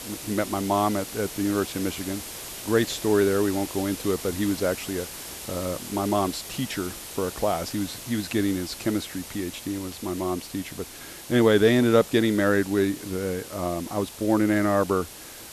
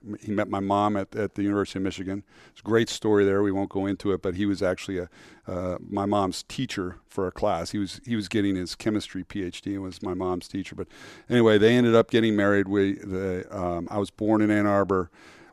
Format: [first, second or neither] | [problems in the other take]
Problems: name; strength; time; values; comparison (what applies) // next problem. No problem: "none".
second | hiss; noticeable; throughout; 10 dB below the speech